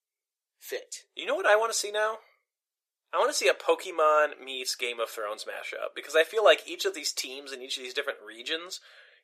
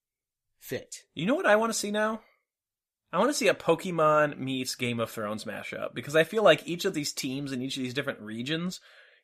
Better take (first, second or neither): second